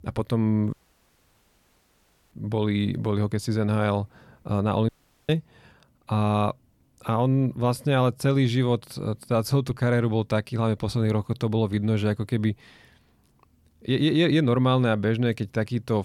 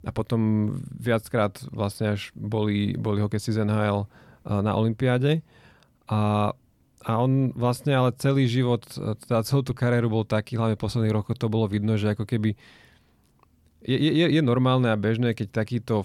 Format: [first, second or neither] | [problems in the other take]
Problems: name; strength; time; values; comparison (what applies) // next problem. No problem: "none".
second | audio cutting out; at 0.5 s for 1.5 s and at 5 s